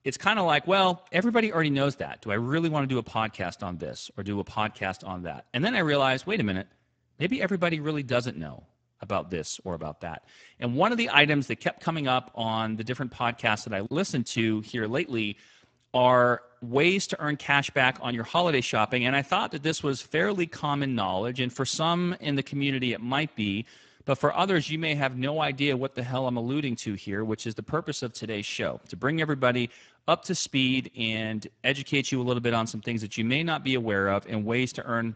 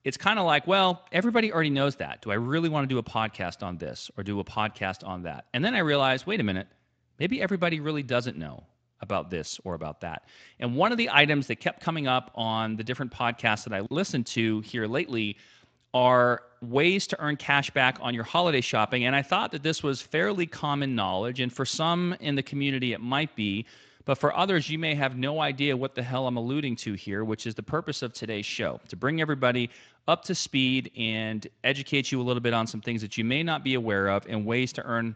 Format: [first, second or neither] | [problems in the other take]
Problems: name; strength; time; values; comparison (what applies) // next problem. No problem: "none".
second | garbled, watery; badly; nothing above 7.5 kHz; slightly in the second